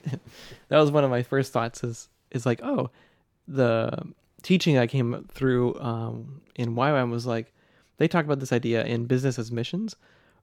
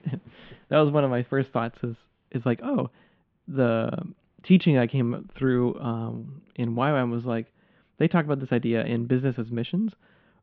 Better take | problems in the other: first | muffled; very; fading above 3.5 kHz

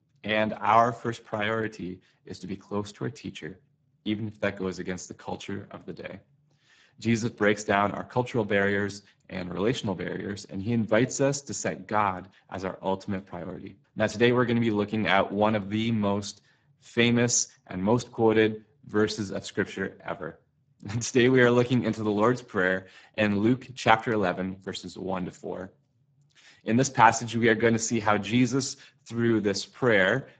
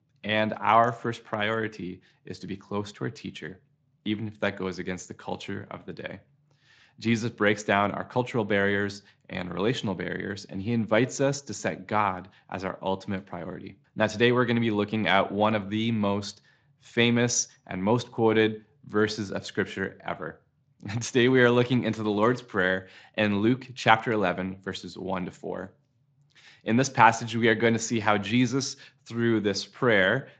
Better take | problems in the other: second | garbled, watery; badly; nothing above 7.5 kHz; slightly in the second

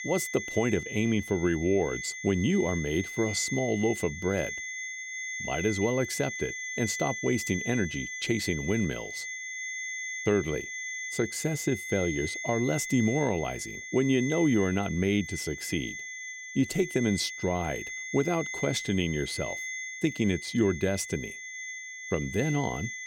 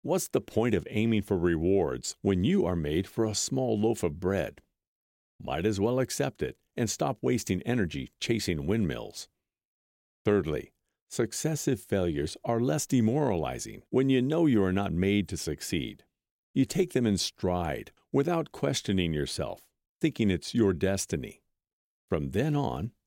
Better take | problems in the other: second | high-pitched whine; loud; throughout; 2 kHz, 6 dB below the speech

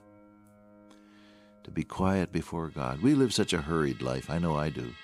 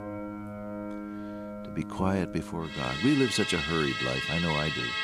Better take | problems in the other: first | background music; loud; throughout; 3 dB below the speech; faint in the first

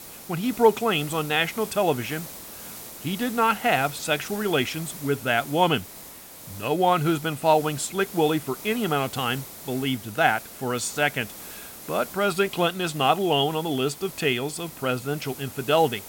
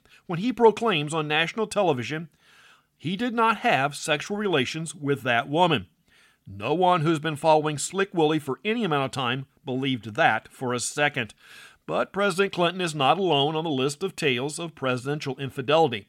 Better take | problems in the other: second | hiss; noticeable; throughout; 15 dB below the speech

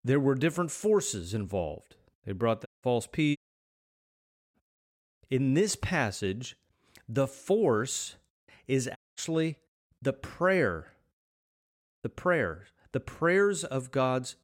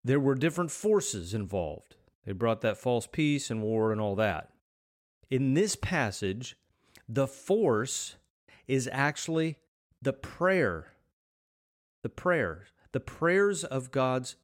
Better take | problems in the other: second | audio cutting out; at 2.5 s, at 3.5 s for 1 s and at 9 s

